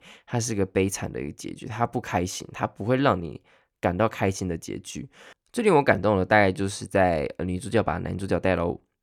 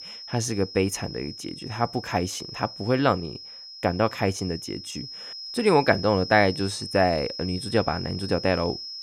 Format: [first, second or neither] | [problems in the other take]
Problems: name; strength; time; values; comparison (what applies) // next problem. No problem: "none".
first | high-pitched whine; noticeable; throughout; 5 kHz, 10 dB below the speech